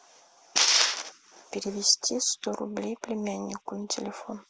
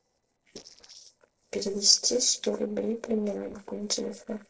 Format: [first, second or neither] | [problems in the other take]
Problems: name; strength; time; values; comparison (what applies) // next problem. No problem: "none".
first | noise reduction (neural separator model SepFormer DNS4)